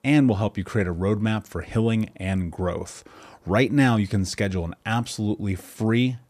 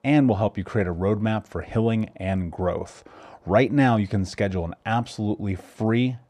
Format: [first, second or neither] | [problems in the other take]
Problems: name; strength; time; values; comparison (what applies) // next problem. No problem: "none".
first | muffled; slightly; fading above 3.5 kHz